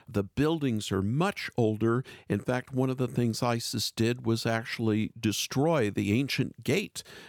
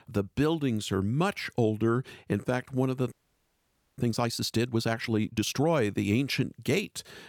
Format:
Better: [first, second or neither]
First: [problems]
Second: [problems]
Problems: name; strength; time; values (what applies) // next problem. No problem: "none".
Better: first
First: none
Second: audio freezing; at 3 s for 1 s